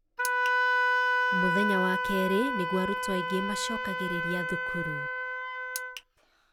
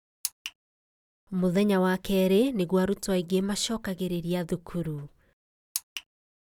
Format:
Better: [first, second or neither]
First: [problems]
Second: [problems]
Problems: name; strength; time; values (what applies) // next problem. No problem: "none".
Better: second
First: background sound (Wind instrument, woodwind instrument); 4 dB above the speech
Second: none